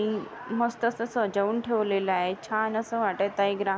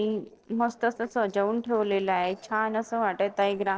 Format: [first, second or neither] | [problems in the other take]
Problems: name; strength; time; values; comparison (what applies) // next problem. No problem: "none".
first | noise reduction (neural separator model SepFormer DNS4)